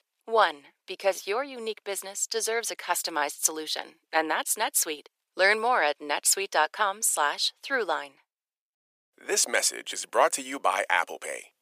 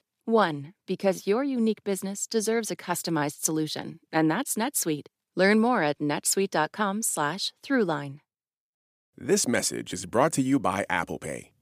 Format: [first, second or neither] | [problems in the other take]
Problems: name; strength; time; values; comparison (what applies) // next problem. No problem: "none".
second | thin; very; fading below 550 Hz